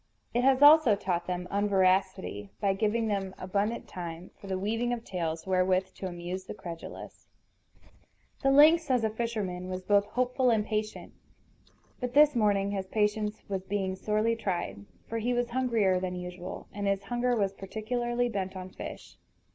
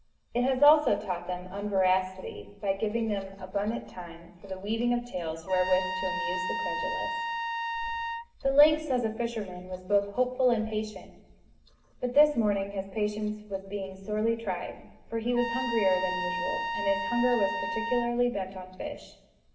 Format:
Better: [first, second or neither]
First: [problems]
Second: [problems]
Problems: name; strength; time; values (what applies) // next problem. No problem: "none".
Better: first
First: none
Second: background sound (Trumpet); 4 dB below the speech // room echo; dies away in 0.7 s